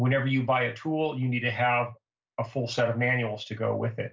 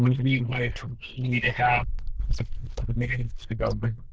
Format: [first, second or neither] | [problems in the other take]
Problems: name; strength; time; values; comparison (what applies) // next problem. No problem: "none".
first | noise reduction (neural diffusion model UNIVERSE++)